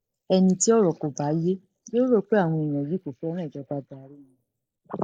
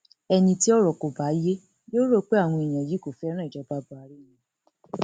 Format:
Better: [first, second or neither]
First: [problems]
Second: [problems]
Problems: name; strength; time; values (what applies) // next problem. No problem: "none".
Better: second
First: noise reduction (neural mask model Resemble Enhance denoiser)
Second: none